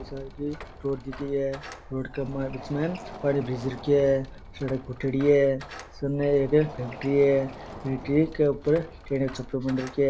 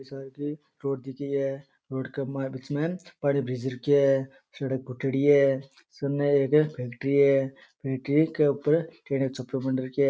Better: second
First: background sound (Door); 15 dB below the speech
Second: none

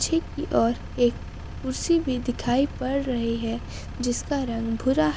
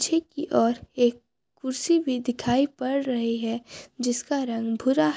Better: second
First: background sound (Engine); 10 dB below the speech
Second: none

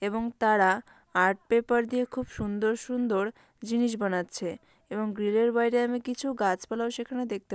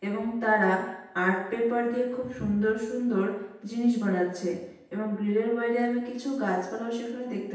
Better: first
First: none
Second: room echo; dies away in 0.9 s

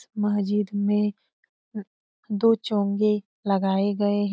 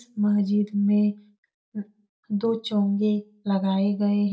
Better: first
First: none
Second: room echo; dies away in 0.2 s

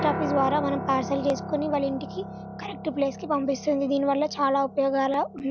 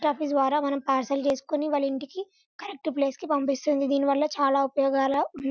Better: second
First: background sound (Piano); 9 dB below the speech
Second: none

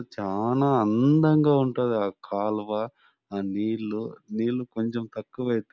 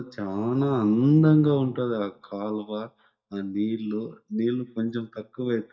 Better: first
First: none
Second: noise reduction (neural mask model DeepFilterNet 3)

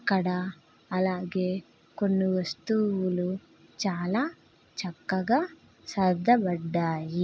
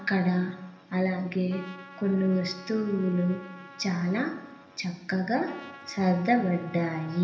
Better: first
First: none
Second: background sound (Trumpet); 20 dB below the speech // room echo; dies away in 1.4 s

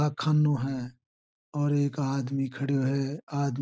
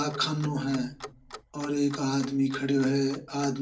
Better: first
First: none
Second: background sound (Clock); 17 dB below the speech // room echo; dies away in 0.3 s

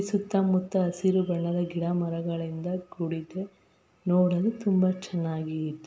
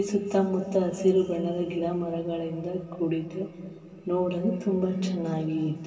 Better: first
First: none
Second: room echo; dies away in 3 s

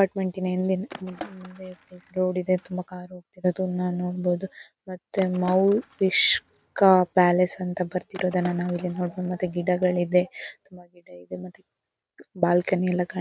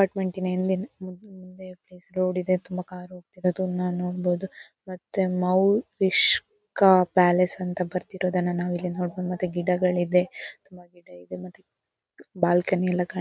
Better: second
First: background sound (Skateboard); 19 dB below the speech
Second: none

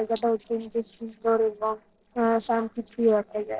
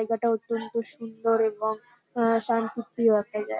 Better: second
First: noise reduction (neural separator model SepFormer DNS4)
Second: none

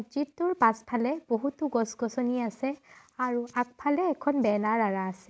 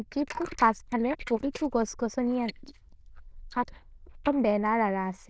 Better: first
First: none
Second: noise reduction (neural diffusion model UNIVERSE++)

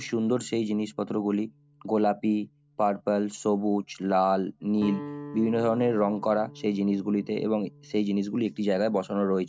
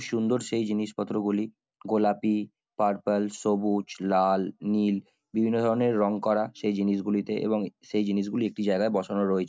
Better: second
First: background sound (Guitar); 19 dB below the speech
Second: none

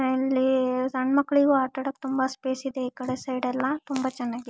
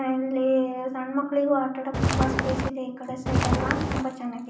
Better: first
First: none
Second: background sound (Walk, footsteps); 3 dB above the speech // room echo; dies away in 0.6 s

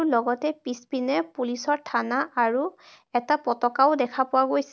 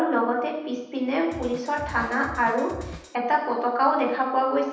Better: first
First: none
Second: background sound (Drum kit); 15 dB below the speech // room echo; dies away in 0.9 s

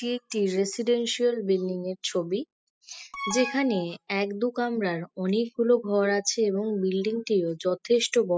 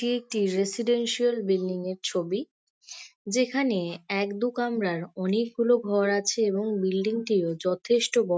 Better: second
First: noise reduction (classical method spectral subtraction)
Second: none

